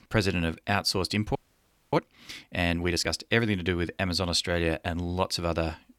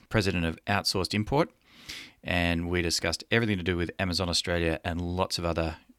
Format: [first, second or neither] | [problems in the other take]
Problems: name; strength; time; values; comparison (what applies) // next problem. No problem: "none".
second | audio freezing; at 1.5 s for 0.5 s